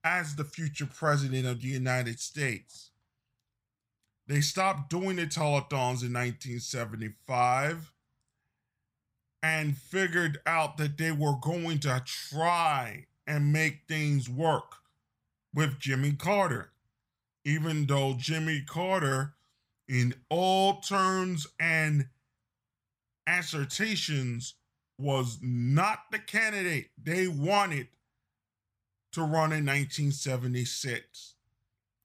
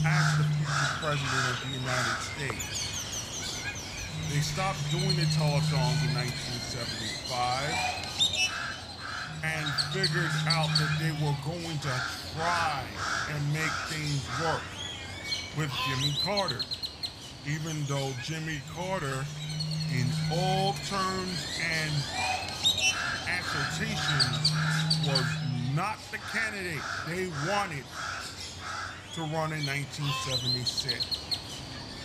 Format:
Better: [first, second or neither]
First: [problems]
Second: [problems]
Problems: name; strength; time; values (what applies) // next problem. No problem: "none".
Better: first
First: none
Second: animal sounds; very loud; throughout; 3 dB above the speech